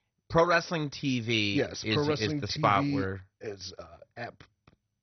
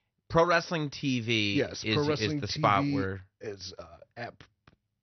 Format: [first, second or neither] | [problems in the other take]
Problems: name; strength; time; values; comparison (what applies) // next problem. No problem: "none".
second | garbled, watery; badly; nothing above 6 kHz; slightly in the second